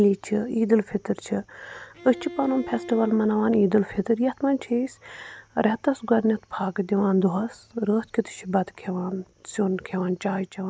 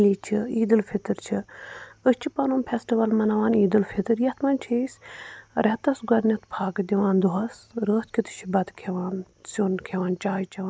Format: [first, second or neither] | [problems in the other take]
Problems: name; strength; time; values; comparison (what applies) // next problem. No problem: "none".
second | background sound (Bowed string instrument); 15 dB below the speech